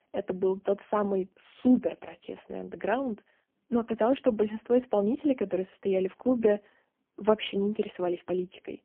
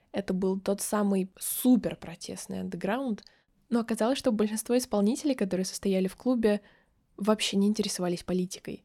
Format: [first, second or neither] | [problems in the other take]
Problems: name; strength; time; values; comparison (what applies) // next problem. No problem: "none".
second | phone-call audio; poor line; nothing above 3.5 kHz